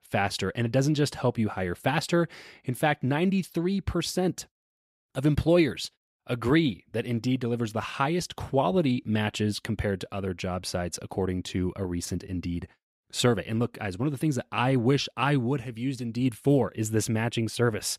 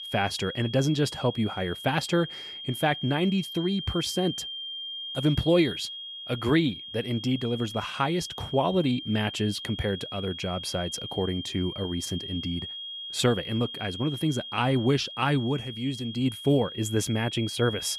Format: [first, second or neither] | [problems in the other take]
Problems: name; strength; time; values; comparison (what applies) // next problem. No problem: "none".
first | high-pitched whine; loud; throughout; 3 kHz, 8 dB below the speech